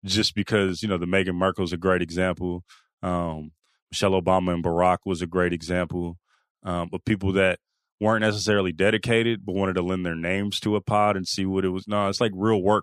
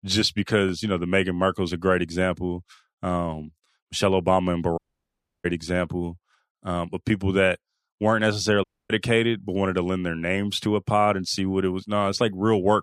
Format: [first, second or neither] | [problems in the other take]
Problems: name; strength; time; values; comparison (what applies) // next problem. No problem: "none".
first | audio cutting out; at 5 s for 0.5 s and at 8.5 s